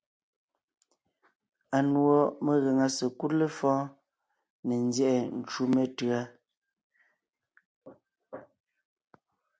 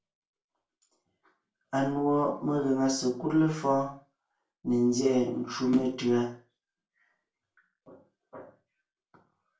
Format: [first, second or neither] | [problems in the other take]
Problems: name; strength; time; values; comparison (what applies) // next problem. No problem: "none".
first | room echo; dies away in 0.3 s